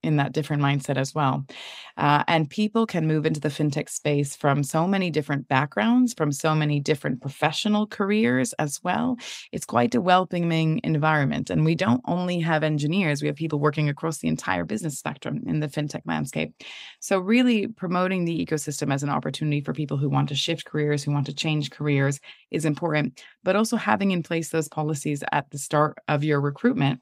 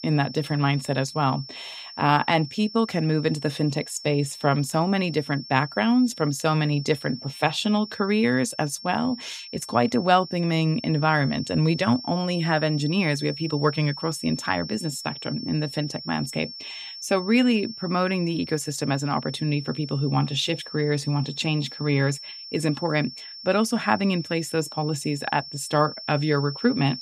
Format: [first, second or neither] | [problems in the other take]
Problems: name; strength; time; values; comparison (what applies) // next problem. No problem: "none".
first | high-pitched whine; noticeable; throughout; 5.5 kHz, 10 dB below the speech